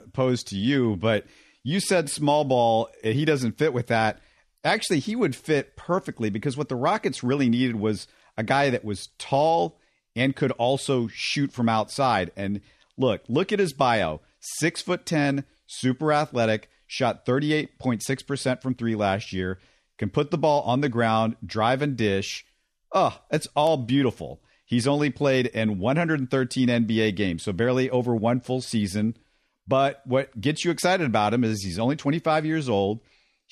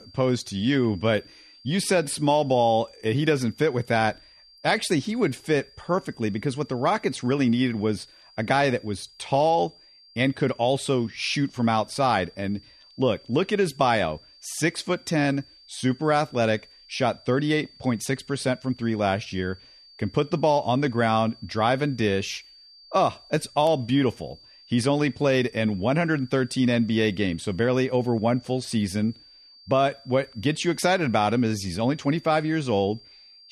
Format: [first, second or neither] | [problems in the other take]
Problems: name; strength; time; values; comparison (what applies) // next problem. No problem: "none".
first | high-pitched whine; faint; throughout; 4.5 kHz, 25 dB below the speech